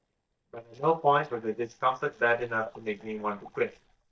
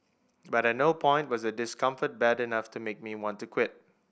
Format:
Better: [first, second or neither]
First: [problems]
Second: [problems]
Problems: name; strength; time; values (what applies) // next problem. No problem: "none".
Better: second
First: noise reduction (neural mask model DeepFilterNet 3)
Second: none